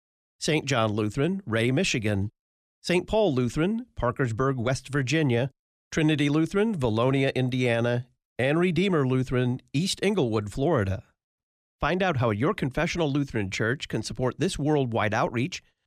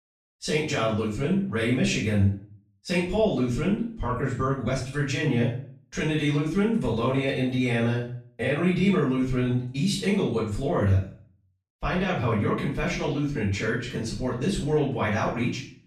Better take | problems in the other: first | room echo; noticeable; dies away in 0.4 s // off-mic speech; far

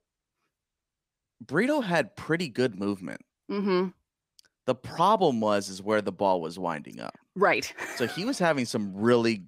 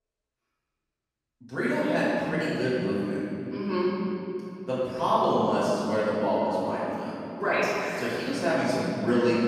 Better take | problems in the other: first | off-mic speech; far // room echo; strong; dies away in 3 s

